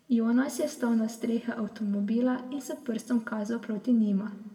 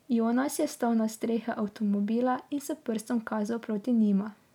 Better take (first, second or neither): second